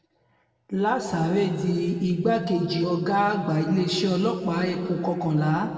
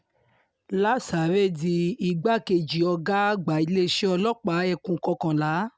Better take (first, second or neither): second